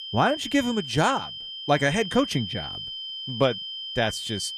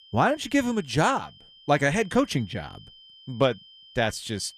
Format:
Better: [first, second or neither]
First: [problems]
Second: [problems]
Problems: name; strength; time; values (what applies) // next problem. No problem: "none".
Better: second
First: high-pitched whine; loud; throughout; 3 kHz, 8 dB below the speech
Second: high-pitched whine; faint; throughout; 3 kHz, 25 dB below the speech